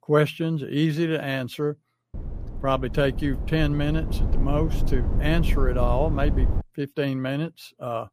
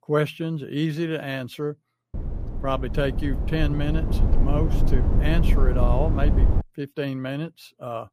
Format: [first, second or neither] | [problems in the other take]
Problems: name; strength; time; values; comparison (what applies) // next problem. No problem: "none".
first | wind noise on the microphone; heavy; from 2 to 6.5 s; 6 dB below the speech; occasional gusts in the first